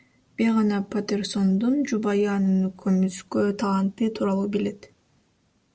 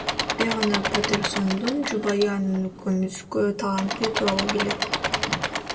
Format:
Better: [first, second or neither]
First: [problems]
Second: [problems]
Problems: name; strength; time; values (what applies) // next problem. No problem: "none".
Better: first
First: none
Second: background sound (Engine / Mechanisms); 3 dB below the speech // room echo; dies away in 1.3 s